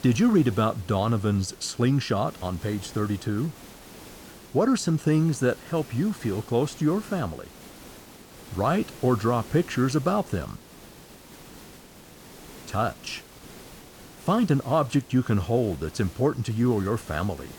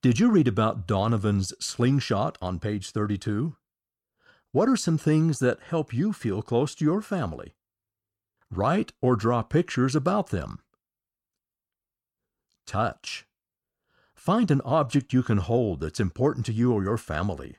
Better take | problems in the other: second | hiss; noticeable; throughout; 20 dB below the speech

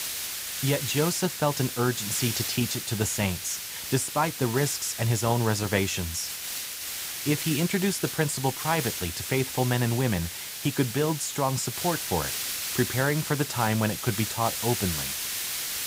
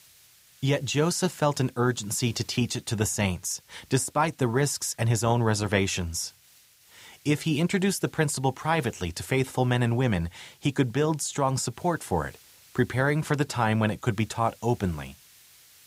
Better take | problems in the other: second | hiss; loud; throughout; 4 dB below the speech; faint in the second

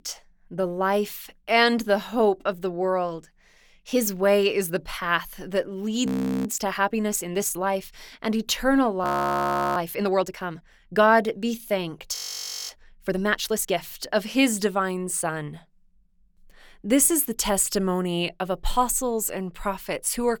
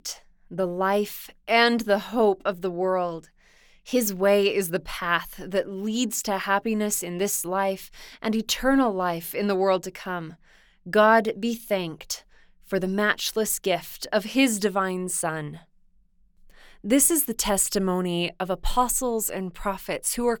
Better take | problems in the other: second | audio freezing; at 6 s, at 9 s for 0.5 s and at 12 s for 0.5 s

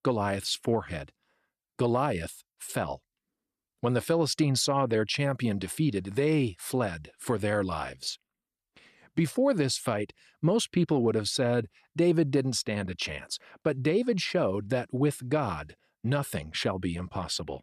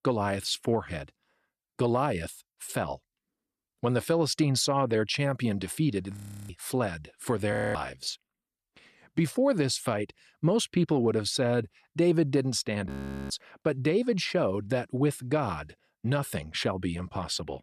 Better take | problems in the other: first | audio freezing; at 6 s, at 7.5 s and at 13 s

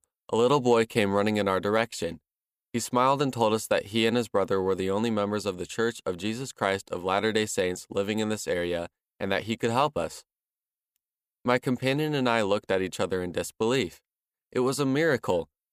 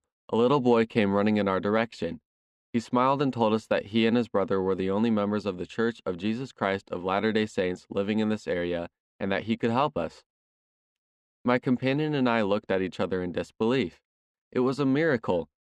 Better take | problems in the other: first | muffled; slightly; fading above 3.5 kHz

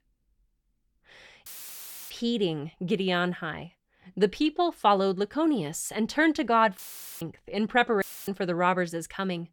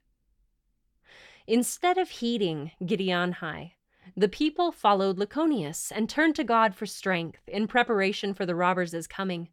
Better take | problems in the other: second | audio cutting out; filled with static; at 1.5 s for 0.5 s, at 7 s and at 8 s

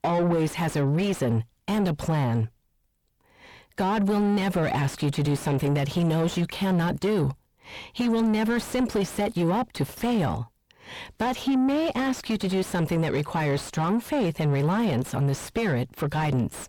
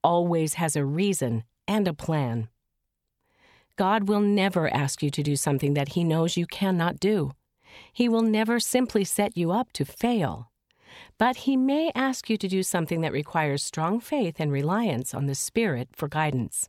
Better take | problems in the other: second | distortion; heavy; 7 dB below the speech

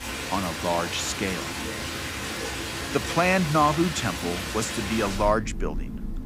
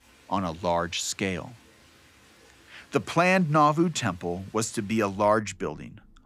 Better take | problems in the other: second | rain or running water; loud; throughout; 5 dB below the speech; faint in the second

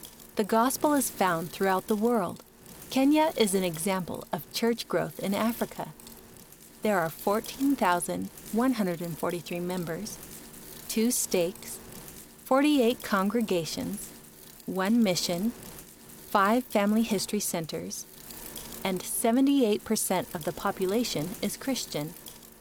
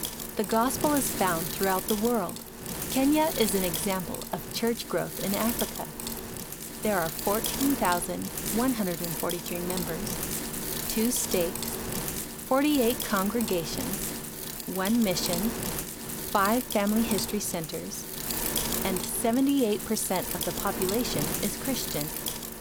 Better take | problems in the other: first | wind noise on the microphone; heavy; 5 dB below the speech; occasional gusts in the first

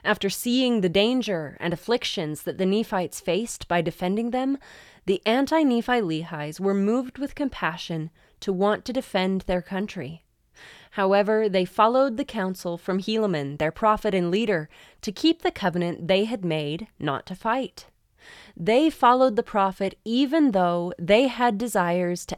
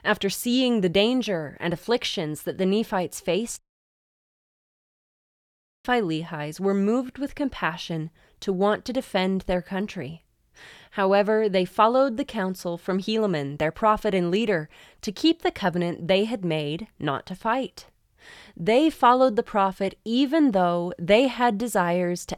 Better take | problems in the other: first | audio cutting out; at 3.5 s for 2.5 s

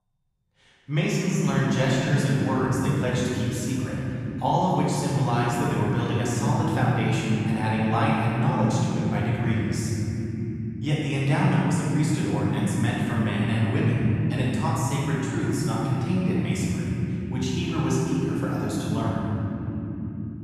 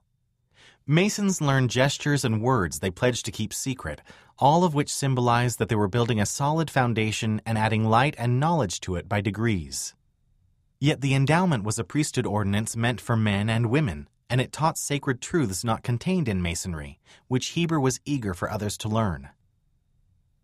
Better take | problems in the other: second | room echo; strong; dies away in 3 s // off-mic speech; far

